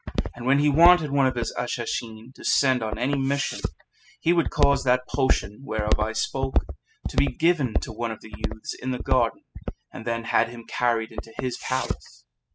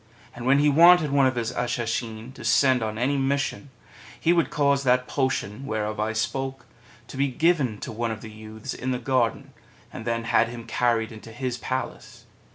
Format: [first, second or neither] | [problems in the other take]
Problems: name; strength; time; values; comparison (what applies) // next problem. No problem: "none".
second | noise reduction (classical method spectral subtraction)